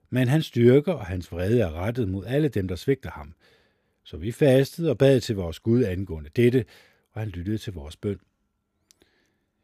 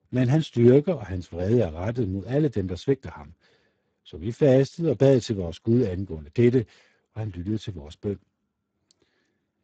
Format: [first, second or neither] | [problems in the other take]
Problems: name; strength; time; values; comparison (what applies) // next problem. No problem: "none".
first | garbled, watery; badly; nothing above 7.5 kHz